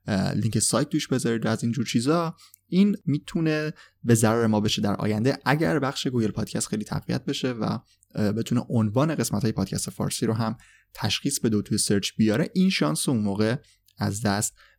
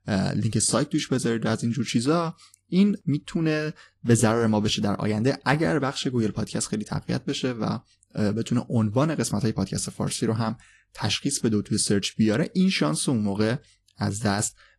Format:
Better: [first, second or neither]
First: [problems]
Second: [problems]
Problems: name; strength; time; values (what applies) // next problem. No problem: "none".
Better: first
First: none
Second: garbled, watery; slightly